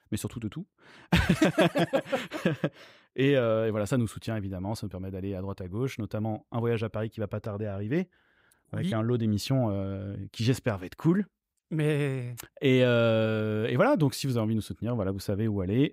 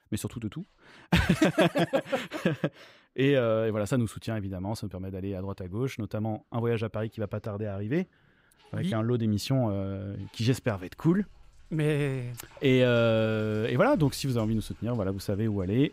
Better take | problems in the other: first | household noises; faint; throughout; 30 dB below the speech

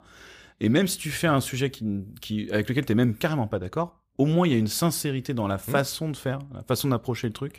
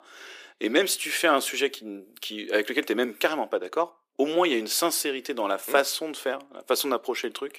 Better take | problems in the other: first | thin; very; fading below 350 Hz

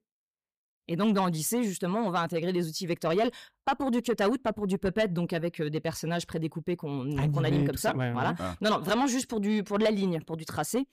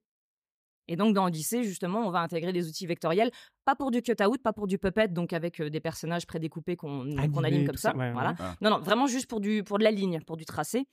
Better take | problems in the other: second | distortion; slight; 10 dB below the speech

